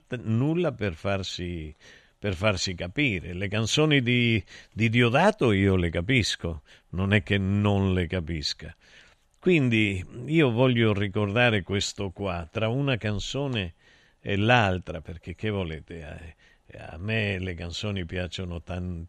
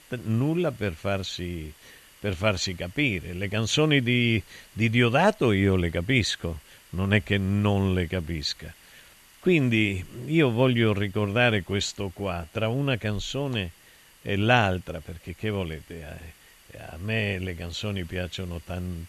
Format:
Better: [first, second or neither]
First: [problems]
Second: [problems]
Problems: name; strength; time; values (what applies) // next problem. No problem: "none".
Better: first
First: none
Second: hiss; faint; throughout; 25 dB below the speech